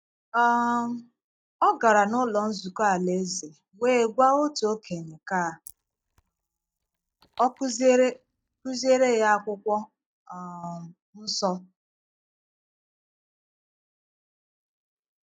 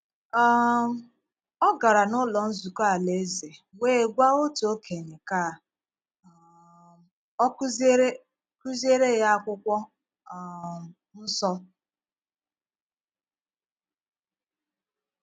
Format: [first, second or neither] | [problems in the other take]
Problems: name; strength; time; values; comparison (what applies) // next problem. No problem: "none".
second | noise reduction (neural mask model DeepFilterNet 3)